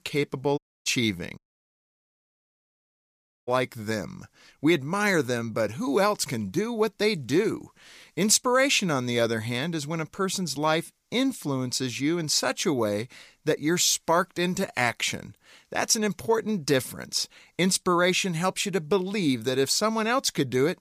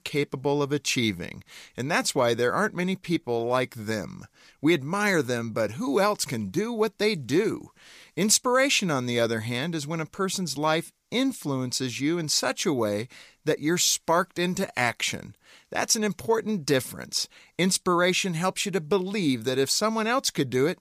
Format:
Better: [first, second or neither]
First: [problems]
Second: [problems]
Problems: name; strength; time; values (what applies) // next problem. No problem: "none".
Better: second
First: audio cutting out; at 0.5 s and at 1.5 s for 2 s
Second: none